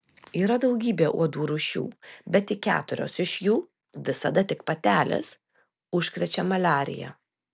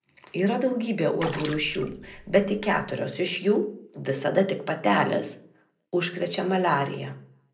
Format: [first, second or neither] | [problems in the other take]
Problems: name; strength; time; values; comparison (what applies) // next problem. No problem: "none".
first | background sound (Water / Splash, splatter); 14 dB below the speech // room echo; dies away in 0.4 s